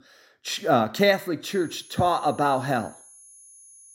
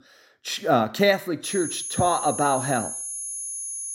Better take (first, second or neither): first